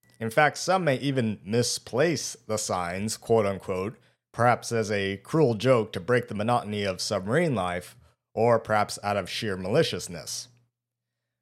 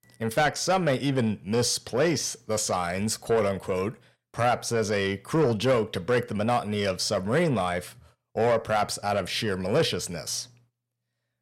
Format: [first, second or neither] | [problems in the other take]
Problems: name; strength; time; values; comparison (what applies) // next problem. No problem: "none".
first | distortion; slight; 10 dB below the speech